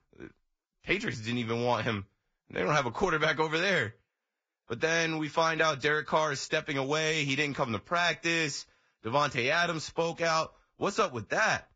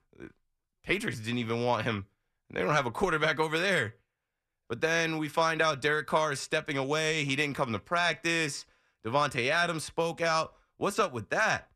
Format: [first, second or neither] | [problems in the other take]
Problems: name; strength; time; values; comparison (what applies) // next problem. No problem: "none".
second | garbled, watery; badly; nothing above 7.5 kHz